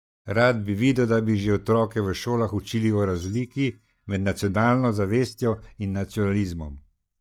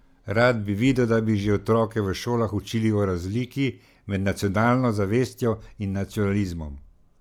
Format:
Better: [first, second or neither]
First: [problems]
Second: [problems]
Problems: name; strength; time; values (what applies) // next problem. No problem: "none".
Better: second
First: noise reduction (neural mask model DeepFilterNet 3)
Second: none